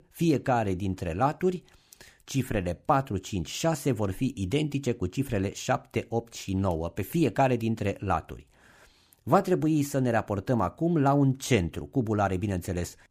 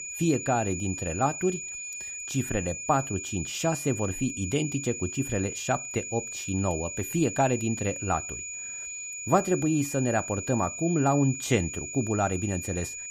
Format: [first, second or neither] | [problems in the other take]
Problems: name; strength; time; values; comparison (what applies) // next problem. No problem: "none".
first | high-pitched whine; loud; throughout; 7 kHz, 6 dB below the speech